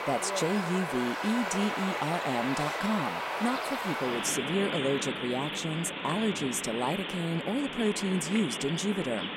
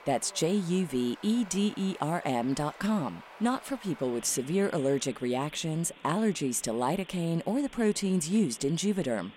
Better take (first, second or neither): second